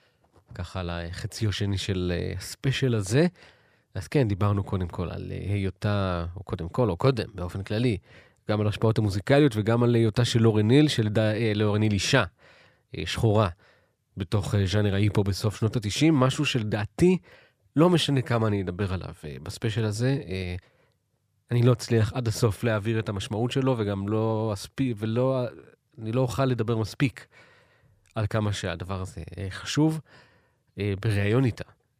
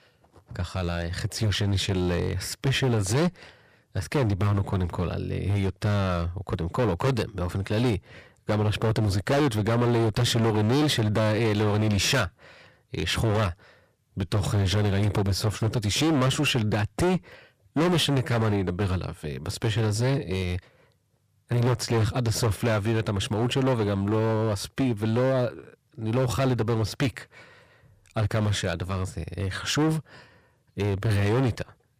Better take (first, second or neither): first